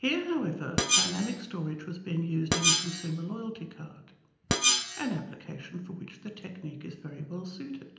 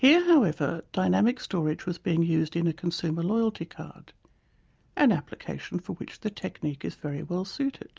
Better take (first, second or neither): second